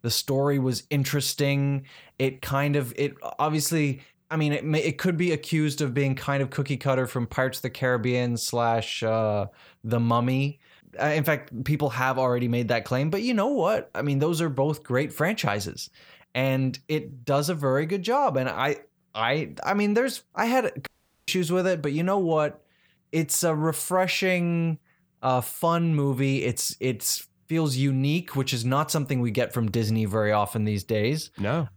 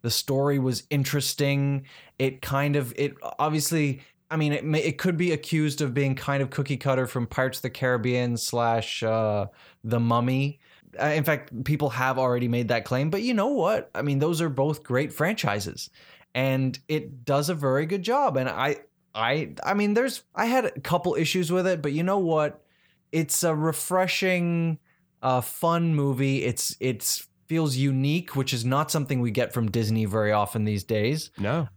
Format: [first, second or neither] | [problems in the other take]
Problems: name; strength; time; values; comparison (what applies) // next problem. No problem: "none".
second | audio cutting out; at 21 s